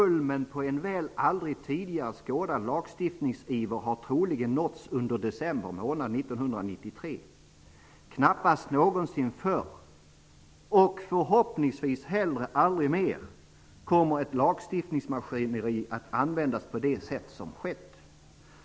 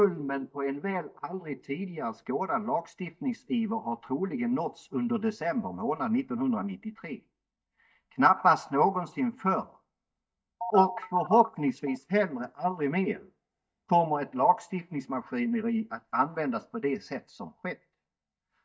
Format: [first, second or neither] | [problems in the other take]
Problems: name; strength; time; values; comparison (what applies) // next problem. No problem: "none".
first | noise reduction (neural mask model DeepFilterNet 3)